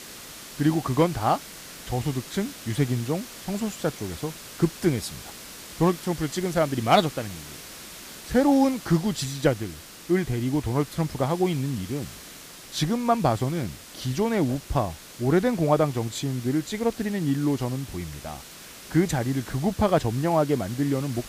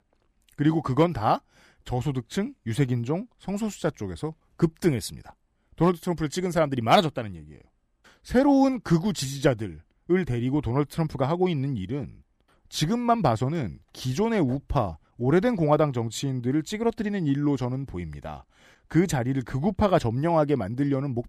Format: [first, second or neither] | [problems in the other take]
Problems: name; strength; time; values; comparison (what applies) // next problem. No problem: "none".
second | hiss; noticeable; throughout; 15 dB below the speech